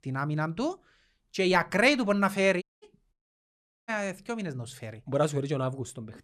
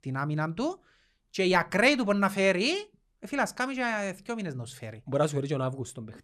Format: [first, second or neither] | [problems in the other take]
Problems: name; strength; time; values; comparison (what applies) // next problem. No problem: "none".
second | audio cutting out; at 2.5 s and at 3 s for 0.5 s